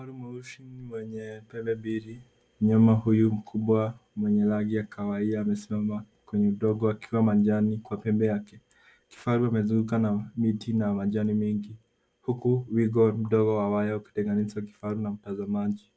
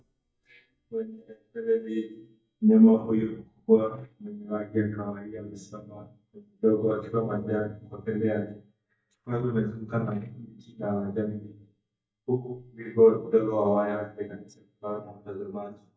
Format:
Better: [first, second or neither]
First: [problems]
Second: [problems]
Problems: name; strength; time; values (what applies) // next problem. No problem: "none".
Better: first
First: none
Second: noise reduction (neural mask model DeepFilterNet 3)